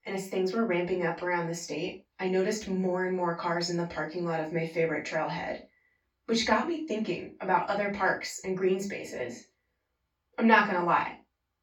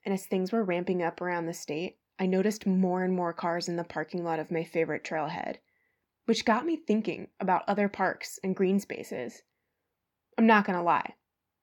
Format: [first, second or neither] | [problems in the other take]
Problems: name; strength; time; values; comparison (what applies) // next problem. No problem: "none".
second | room echo; slight; dies away in 0.2 s // off-mic speech; far